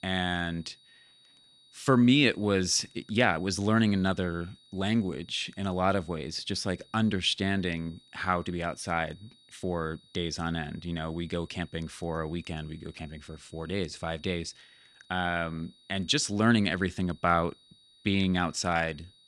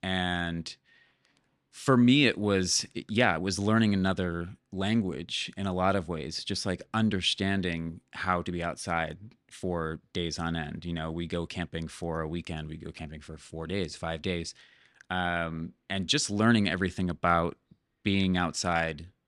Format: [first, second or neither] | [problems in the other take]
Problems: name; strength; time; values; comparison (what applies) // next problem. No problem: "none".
second | high-pitched whine; faint; throughout; 4 kHz, 30 dB below the speech